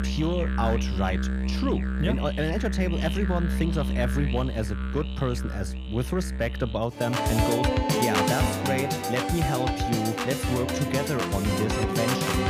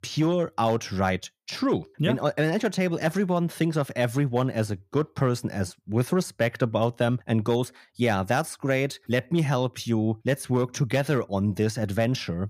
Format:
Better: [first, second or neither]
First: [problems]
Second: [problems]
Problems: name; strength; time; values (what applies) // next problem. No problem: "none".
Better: second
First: background music; very loud; throughout; 2 dB above the speech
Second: none